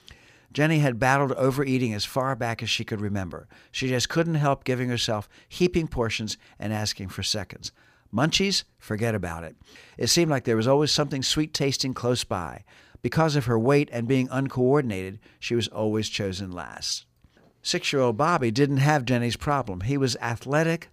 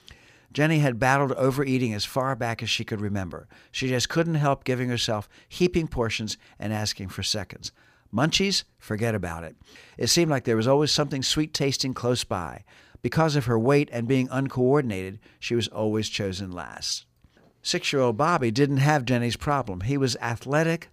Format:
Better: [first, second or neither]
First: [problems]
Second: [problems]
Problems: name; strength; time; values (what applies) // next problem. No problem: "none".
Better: neither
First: none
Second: none